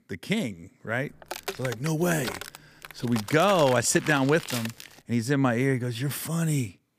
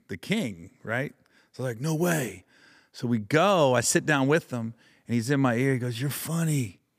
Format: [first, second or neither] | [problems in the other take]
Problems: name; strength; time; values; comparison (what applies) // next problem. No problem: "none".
second | footsteps; noticeable; from 1 to 5 s; peak 8 dB below the speech